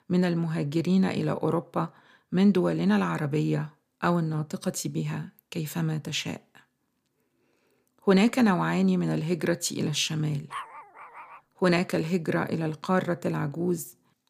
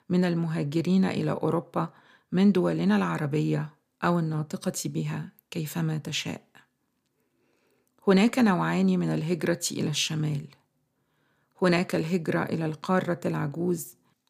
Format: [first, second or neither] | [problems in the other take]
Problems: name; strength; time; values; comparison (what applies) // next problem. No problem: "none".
second | dog barking; faint; at 11 s; peak 10 dB below the speech